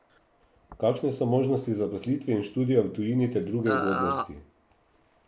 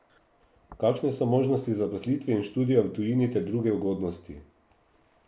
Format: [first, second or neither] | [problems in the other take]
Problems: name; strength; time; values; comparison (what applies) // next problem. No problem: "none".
second | background sound (Burping, eructation); 2 dB below the speech